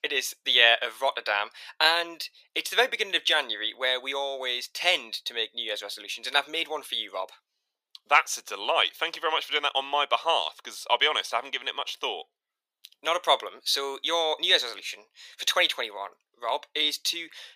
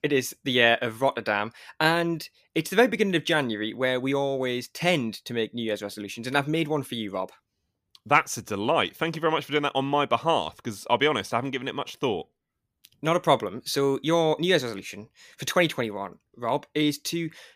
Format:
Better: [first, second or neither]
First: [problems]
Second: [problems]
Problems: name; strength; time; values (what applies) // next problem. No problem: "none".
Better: second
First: thin; very; fading below 600 Hz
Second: none